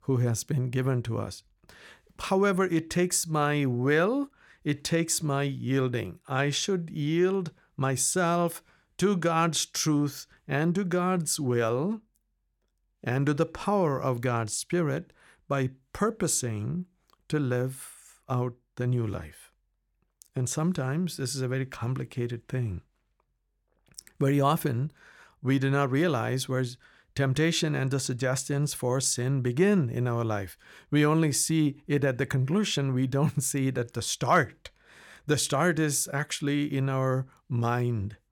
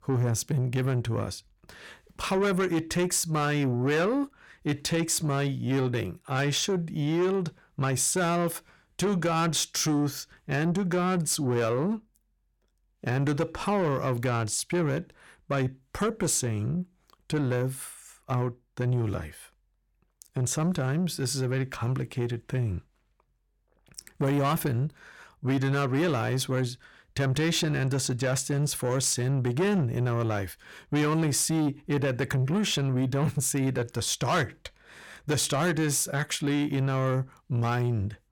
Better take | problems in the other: first | distortion; slight; 10 dB below the speech

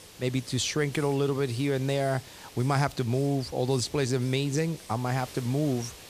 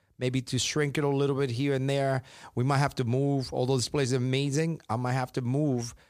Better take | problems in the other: second | hiss; noticeable; throughout; 15 dB below the speech

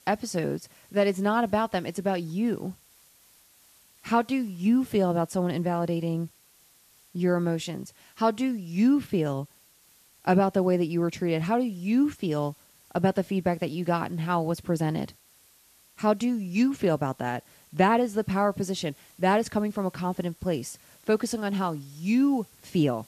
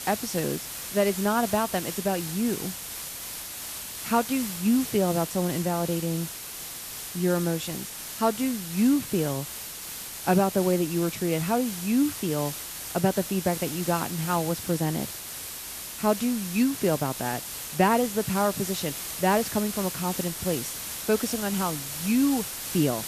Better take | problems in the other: first | hiss; loud; throughout; 7 dB below the speech; faint in the first

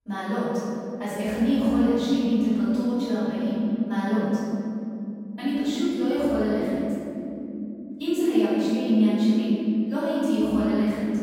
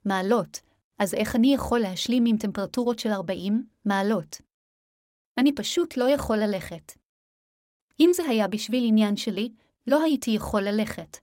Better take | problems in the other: second | off-mic speech; far // room echo; strong; dies away in 3 s

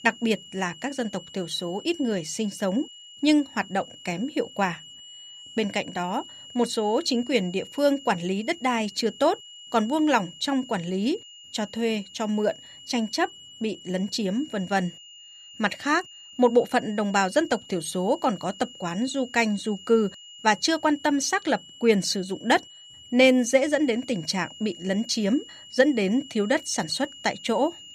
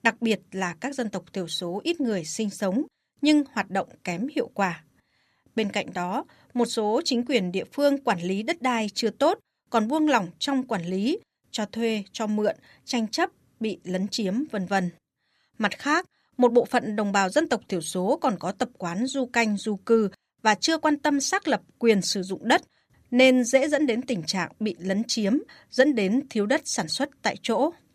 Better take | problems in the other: second | high-pitched whine; noticeable; throughout; 3 kHz, 20 dB below the speech

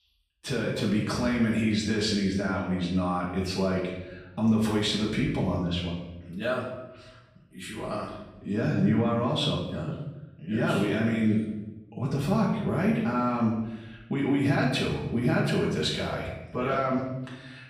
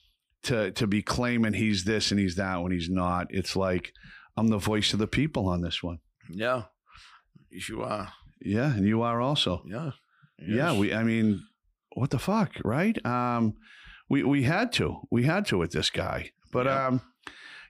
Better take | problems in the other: second | off-mic speech; far // room echo; noticeable; dies away in 0.9 s

